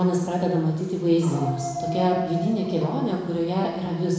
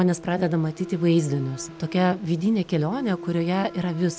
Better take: second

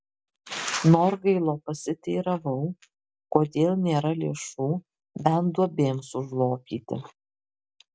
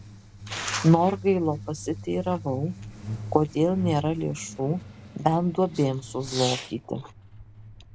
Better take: first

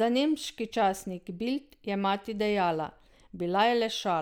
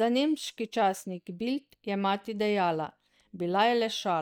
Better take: first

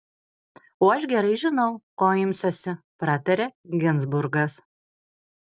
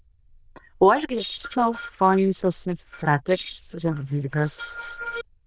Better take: first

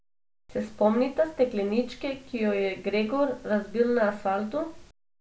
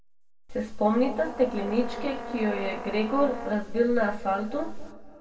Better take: first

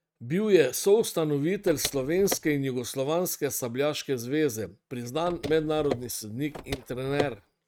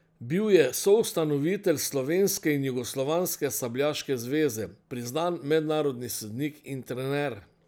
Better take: second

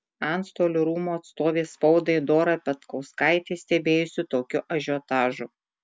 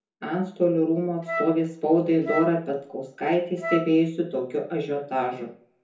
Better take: first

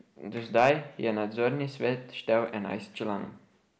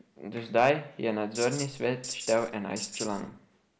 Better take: first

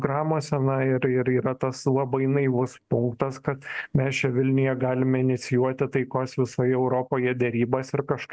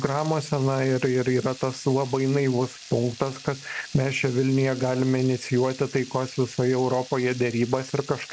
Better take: first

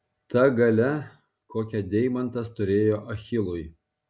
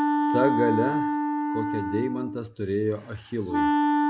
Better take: first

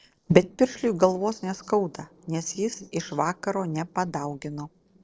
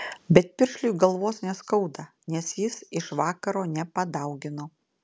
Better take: second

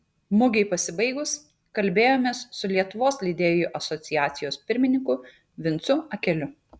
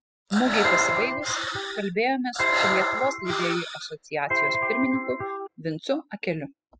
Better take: first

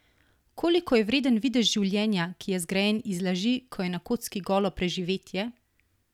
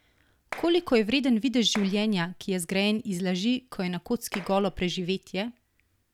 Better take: first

